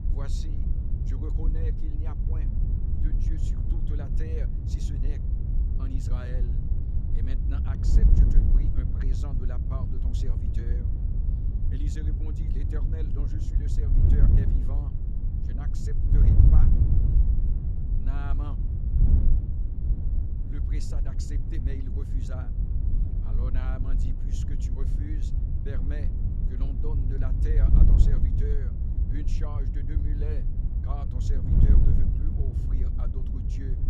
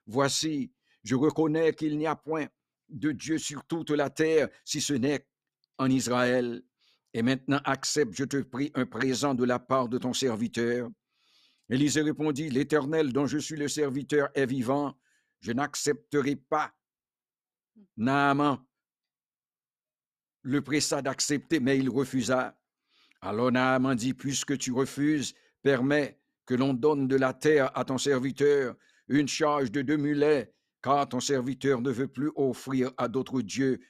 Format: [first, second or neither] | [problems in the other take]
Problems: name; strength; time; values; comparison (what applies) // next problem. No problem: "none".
second | wind noise on the microphone; heavy; 3 dB above the speech